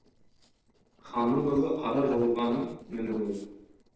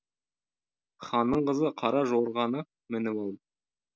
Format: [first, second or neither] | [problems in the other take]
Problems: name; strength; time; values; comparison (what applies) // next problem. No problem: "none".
second | noise reduction (neural separator model SepFormer DNS4)